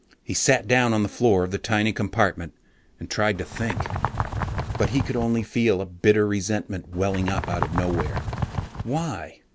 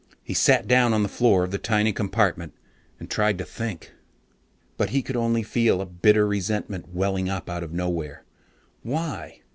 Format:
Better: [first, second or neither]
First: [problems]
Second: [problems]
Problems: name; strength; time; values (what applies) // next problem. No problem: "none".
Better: second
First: background sound (Bird); 4 dB below the speech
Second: none